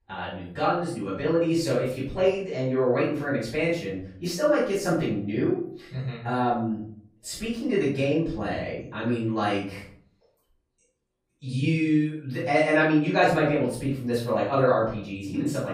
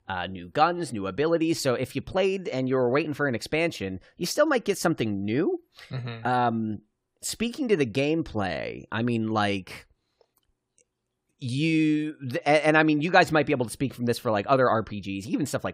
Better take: second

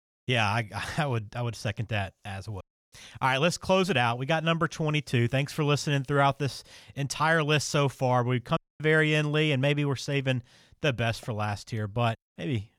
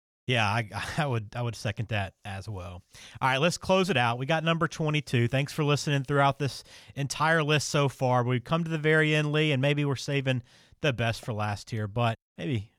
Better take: second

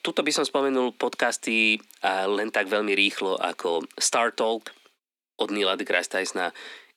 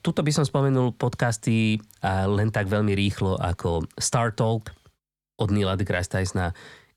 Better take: second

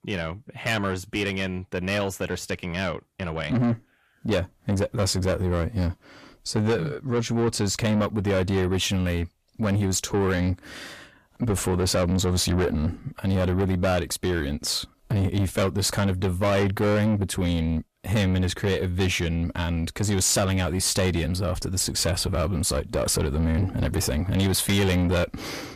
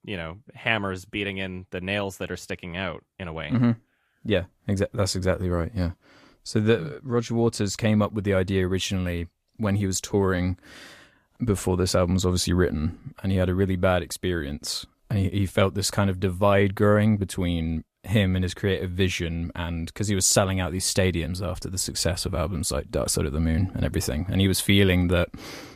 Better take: second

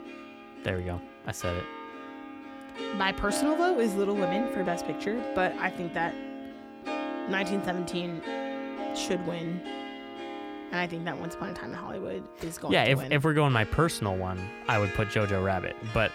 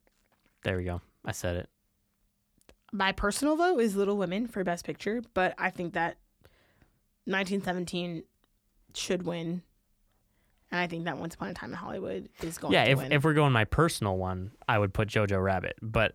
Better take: second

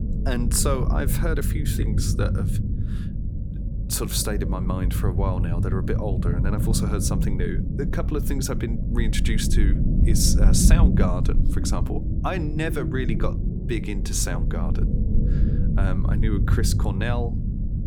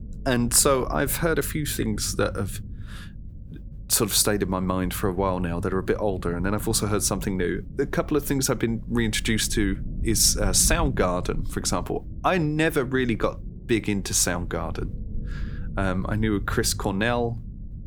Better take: second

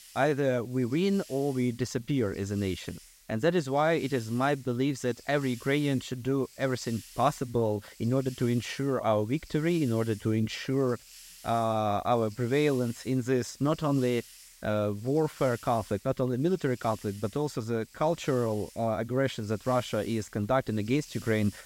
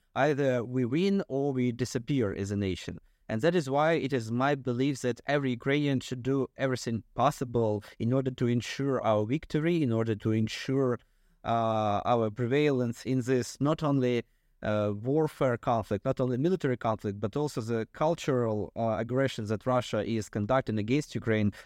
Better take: second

